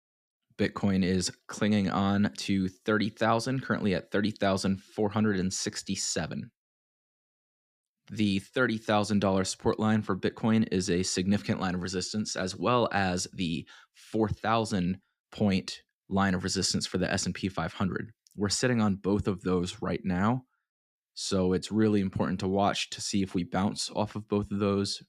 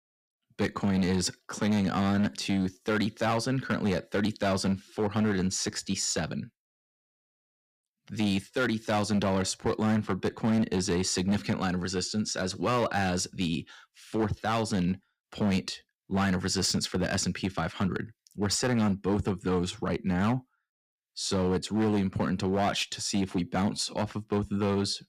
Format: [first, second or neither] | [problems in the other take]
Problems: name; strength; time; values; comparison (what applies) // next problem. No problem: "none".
first | distortion; slight; 8% of the sound clipped